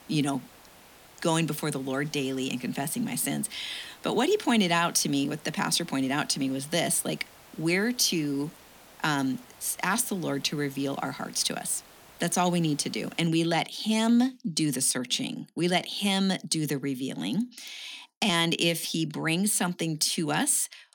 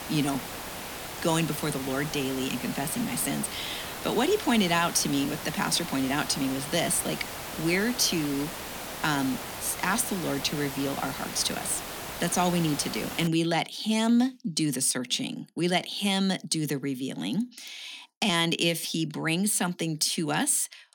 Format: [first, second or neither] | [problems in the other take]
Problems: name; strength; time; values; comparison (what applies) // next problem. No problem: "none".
first | hiss; loud; until 13 s; 8 dB below the speech; faint in the first